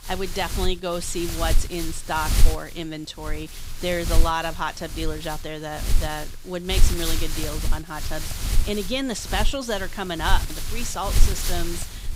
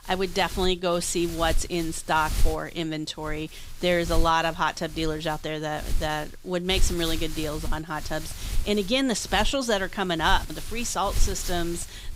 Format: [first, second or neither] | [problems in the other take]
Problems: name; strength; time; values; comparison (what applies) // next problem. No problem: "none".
second | wind noise on the microphone; heavy; 6 dB below the speech; occasional gusts in the second